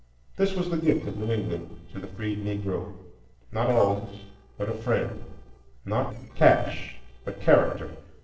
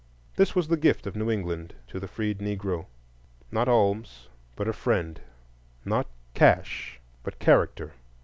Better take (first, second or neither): second